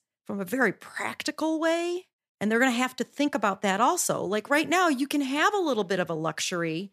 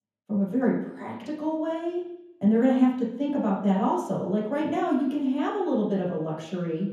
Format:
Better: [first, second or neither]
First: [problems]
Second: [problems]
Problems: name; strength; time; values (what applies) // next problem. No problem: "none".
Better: first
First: none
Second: room echo; noticeable; dies away in 0.9 s // off-mic speech; far